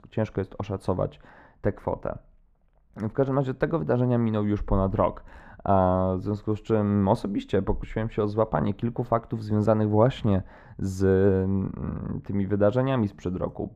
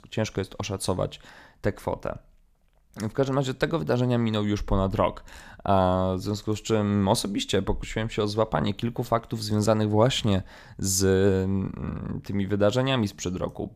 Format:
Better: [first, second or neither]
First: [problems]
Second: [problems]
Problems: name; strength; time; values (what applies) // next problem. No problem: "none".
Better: second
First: muffled; very; fading above 2.5 kHz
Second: none